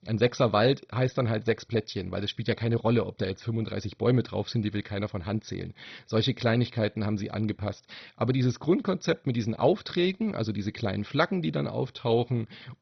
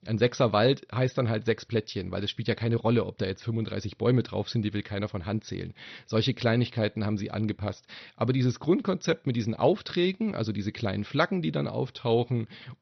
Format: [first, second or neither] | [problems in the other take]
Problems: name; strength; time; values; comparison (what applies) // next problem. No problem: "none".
second | garbled, watery; badly; nothing above 6 kHz; slightly in the second